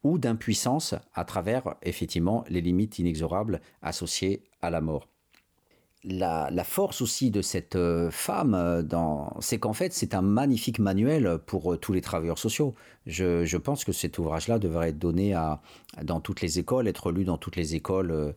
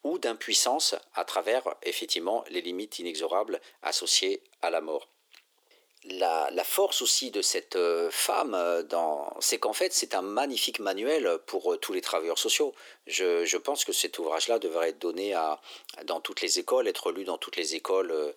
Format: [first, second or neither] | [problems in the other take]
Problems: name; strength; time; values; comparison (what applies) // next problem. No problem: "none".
first | thin; very; fading below 350 Hz